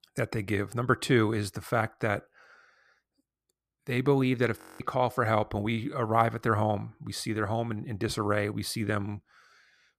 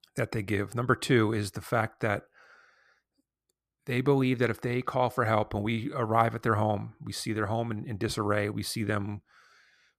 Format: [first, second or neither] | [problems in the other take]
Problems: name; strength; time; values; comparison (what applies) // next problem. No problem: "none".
second | audio freezing; at 4.5 s